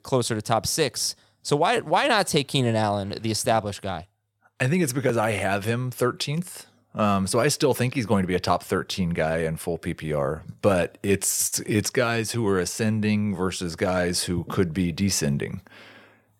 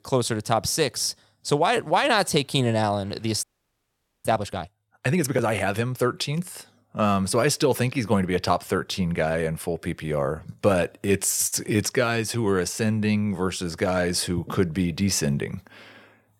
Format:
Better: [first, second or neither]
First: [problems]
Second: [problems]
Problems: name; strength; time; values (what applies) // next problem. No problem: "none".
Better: first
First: none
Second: audio freezing; at 3.5 s for 1 s